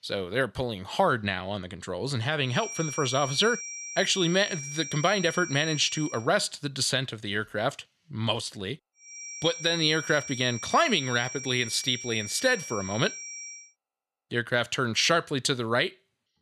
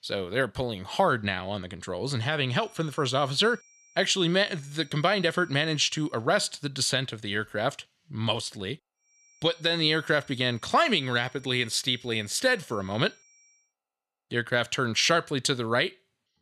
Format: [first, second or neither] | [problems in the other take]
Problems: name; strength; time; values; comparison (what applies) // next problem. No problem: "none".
second | high-pitched whine; loud; from 2.5 to 6 s and from 9 to 14 s; 5.5 kHz, 9 dB below the speech; faint in the second